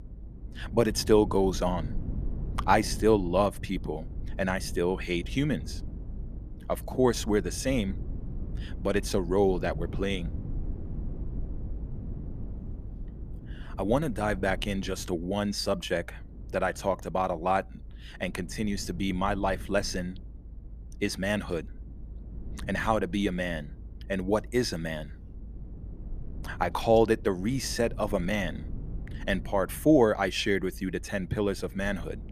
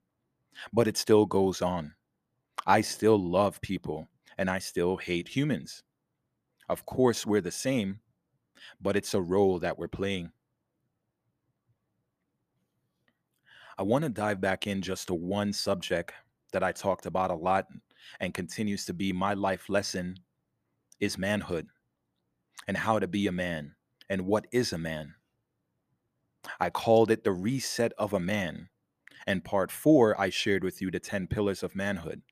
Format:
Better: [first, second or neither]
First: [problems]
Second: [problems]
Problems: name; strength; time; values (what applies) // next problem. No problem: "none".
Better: second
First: low rumble; faint; throughout; 25 dB below the speech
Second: none